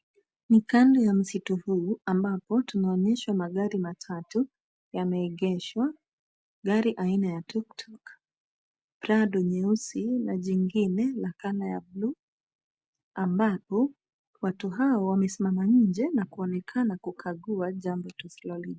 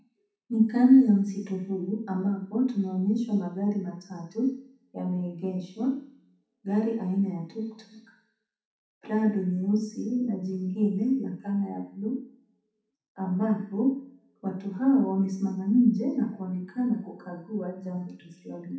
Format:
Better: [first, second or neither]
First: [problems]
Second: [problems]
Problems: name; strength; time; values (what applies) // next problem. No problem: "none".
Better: first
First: none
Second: room echo; dies away in 0.7 s